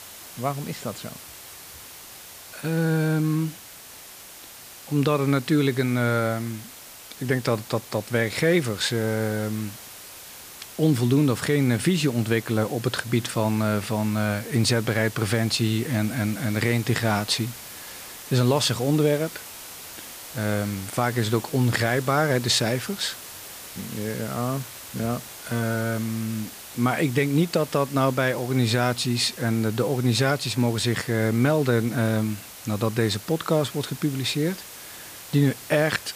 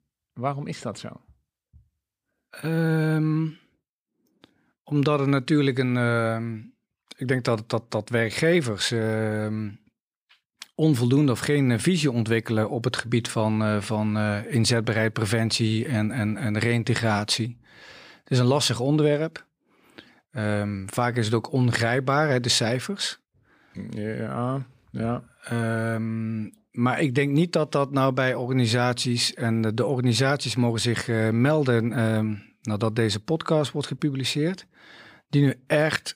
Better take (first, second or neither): second